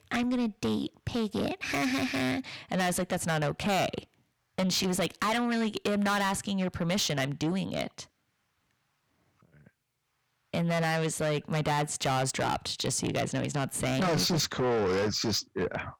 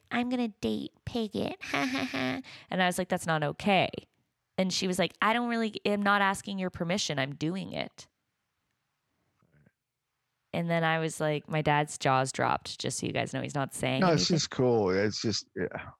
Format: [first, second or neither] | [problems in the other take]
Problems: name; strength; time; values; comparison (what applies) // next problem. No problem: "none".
second | distortion; heavy; 6 dB below the speech